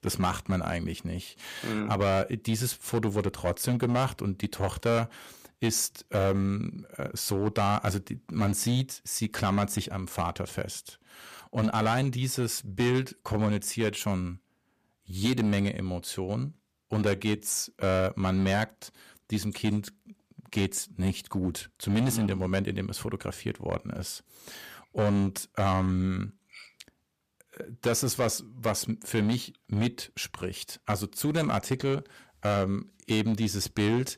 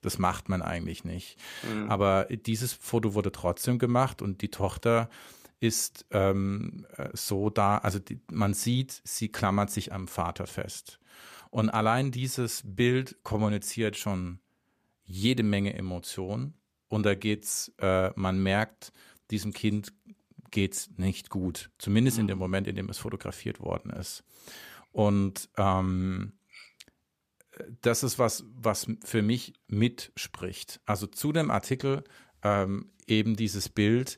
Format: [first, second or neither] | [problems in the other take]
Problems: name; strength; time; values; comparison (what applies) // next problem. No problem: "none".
second | distortion; slight; 7% of the sound clipped